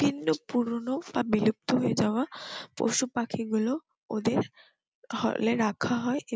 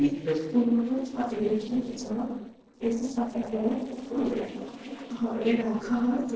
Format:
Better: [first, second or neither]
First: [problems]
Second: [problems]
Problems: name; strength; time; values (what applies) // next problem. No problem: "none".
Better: first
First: none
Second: noise reduction (neural separator model SepFormer DNS4)